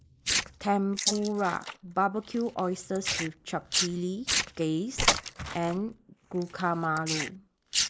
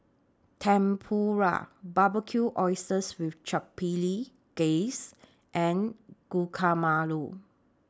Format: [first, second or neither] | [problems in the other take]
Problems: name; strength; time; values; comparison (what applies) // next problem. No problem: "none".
second | noise reduction (neural mask model Resemble Enhance denoiser)